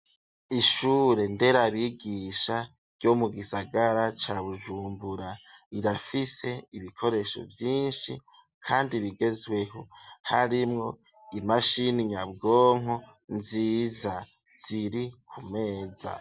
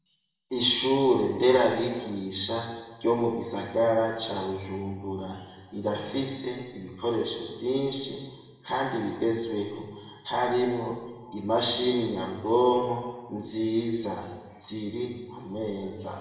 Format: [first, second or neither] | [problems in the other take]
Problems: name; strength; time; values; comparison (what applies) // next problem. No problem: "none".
first | room echo; dies away in 1.2 s